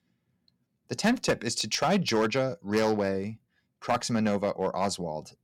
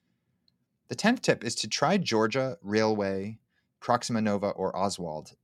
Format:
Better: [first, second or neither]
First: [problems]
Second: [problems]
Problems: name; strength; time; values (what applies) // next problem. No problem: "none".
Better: second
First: distortion; slight; 4% of the sound clipped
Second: none